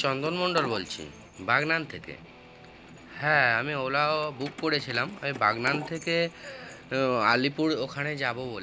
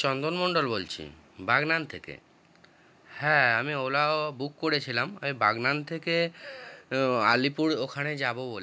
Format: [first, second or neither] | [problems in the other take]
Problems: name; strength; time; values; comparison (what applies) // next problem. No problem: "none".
second | background sound (Keys jangling + Guitar); 16 dB below the speech